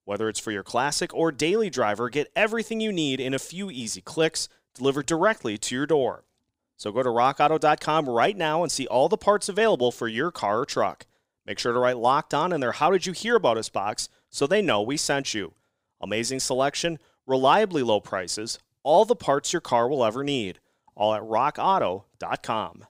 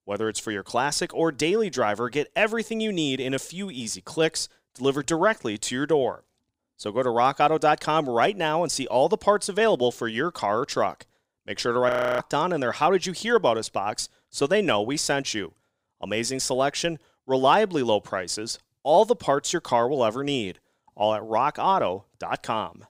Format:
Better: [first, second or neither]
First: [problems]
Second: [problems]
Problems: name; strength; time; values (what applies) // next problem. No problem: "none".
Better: first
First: none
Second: audio freezing; at 12 s